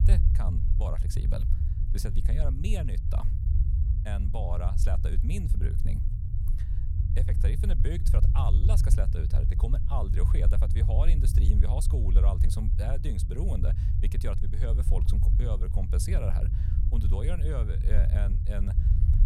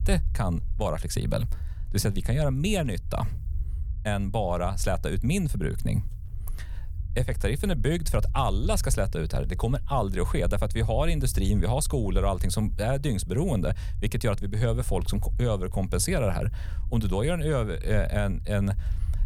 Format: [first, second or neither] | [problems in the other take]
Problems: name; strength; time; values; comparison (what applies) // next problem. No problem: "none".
second | low rumble; loud; throughout; 4 dB below the speech; faint in the second